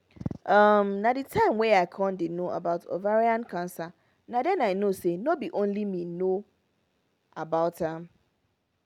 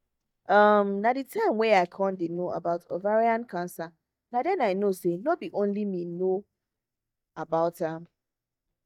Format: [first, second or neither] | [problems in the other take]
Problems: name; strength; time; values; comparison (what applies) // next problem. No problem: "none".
first | noise reduction (neural mask model DeepFilterNet 3)